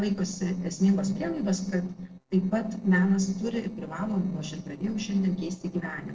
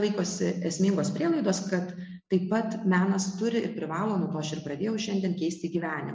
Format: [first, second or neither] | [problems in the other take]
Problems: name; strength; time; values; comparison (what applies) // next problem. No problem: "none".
second | noise reduction (neural separator model SepFormer DNS4)